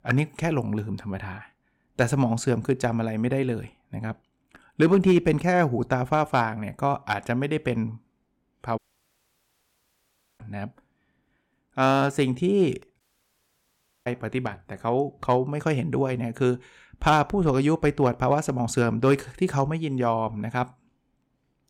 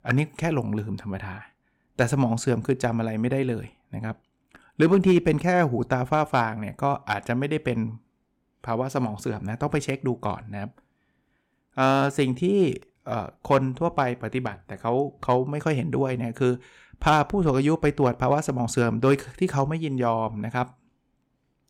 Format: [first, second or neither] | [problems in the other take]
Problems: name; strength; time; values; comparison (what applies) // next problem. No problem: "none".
second | audio cutting out; at 9 s for 1.5 s and at 13 s for 1 s